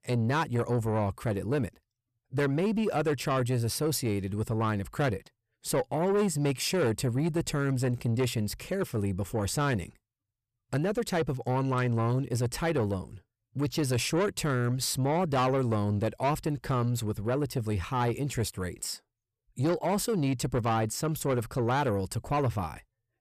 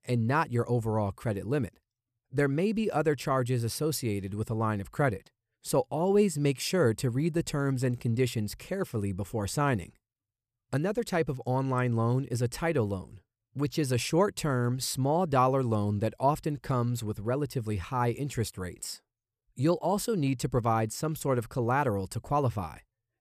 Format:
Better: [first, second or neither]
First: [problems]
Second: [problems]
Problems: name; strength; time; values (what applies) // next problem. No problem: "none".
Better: second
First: distortion; slight; 10 dB below the speech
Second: none